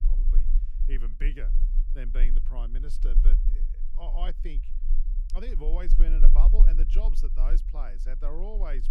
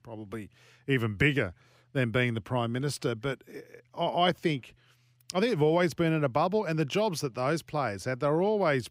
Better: second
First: low rumble; noticeable; throughout; 10 dB below the speech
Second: none

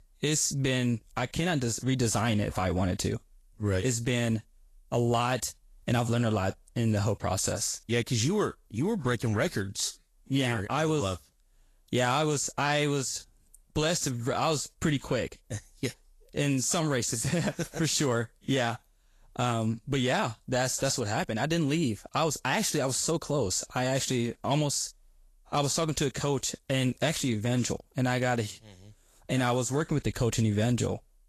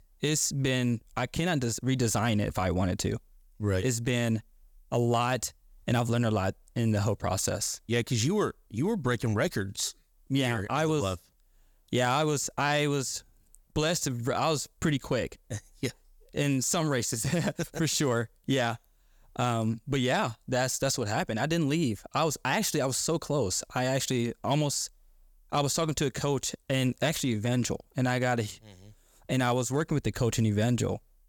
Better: second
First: garbled, watery; slightly; nothing above 12.5 kHz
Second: none

